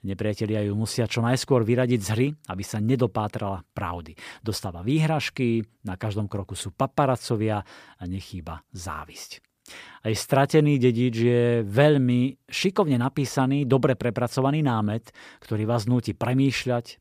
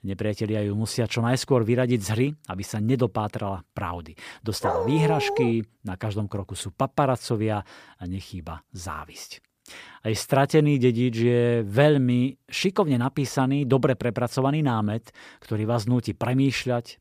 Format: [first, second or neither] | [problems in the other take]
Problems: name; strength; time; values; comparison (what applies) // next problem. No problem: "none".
first | dog barking; noticeable; at 4.5 s; peak 1 dB below the speech